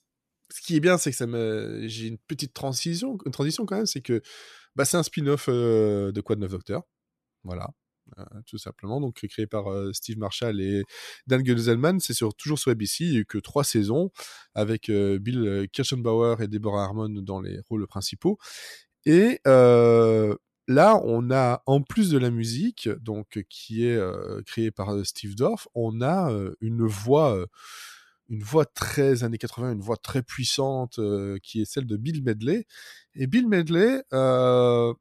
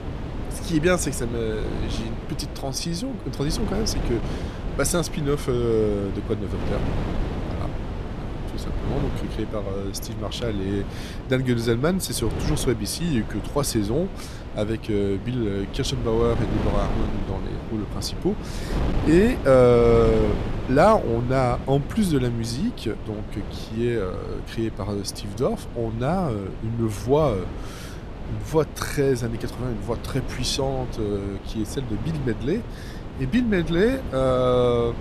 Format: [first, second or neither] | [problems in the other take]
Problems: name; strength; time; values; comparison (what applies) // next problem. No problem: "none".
first | wind noise on the microphone; occasional gusts; 10 dB below the speech